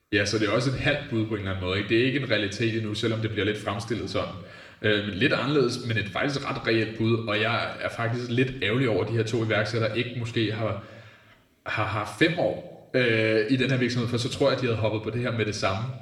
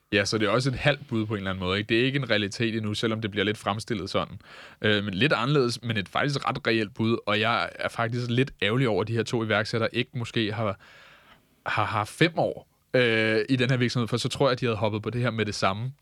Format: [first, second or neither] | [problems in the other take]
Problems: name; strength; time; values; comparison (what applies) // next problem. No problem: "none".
second | room echo; slight; dies away in 0.7 s // off-mic speech; somewhat distant